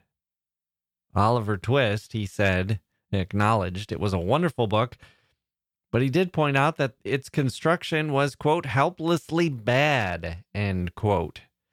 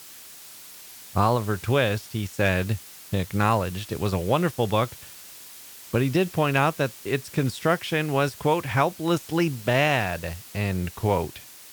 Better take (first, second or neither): first